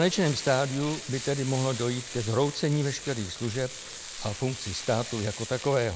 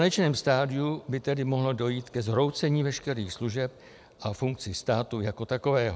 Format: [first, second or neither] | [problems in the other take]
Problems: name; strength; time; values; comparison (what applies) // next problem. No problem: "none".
second | background sound (Frying (food)); 11 dB below the speech